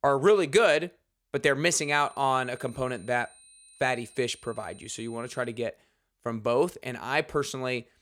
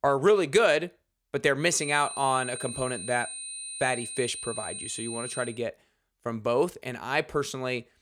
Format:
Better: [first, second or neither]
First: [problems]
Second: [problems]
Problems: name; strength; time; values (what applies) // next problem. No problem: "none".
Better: first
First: high-pitched whine; faint; from 1.5 to 5.5 s; 8.5 kHz, 25 dB below the speech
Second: high-pitched whine; loud; from 1.5 to 5.5 s; 8.5 kHz, 8 dB below the speech